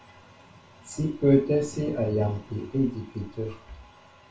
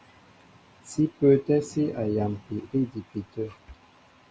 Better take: second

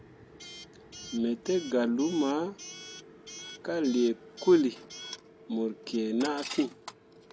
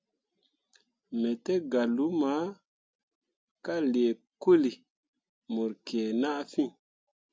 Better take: second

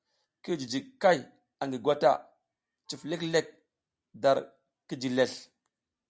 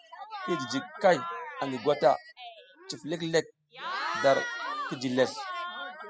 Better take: first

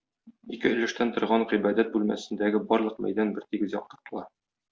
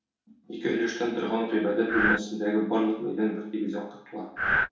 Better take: first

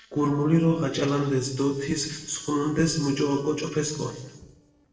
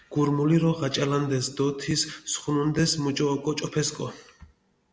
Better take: second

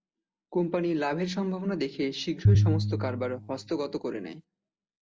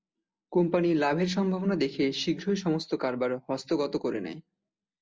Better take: second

